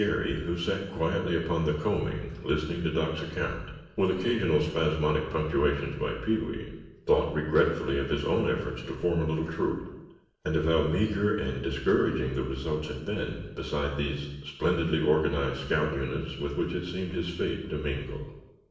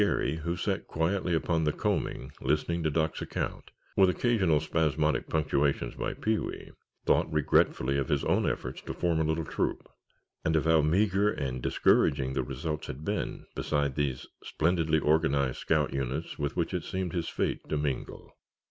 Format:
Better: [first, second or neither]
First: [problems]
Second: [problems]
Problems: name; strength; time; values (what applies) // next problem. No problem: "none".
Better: second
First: room echo; dies away in 0.9 s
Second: none